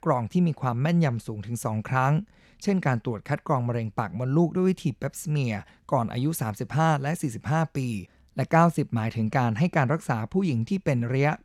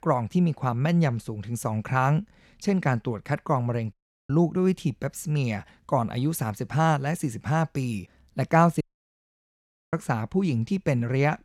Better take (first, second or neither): first